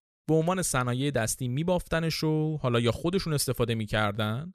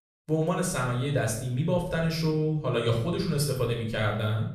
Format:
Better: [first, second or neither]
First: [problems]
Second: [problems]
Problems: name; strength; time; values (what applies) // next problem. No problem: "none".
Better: first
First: none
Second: off-mic speech; somewhat distant // room echo; noticeable; dies away in 0.6 s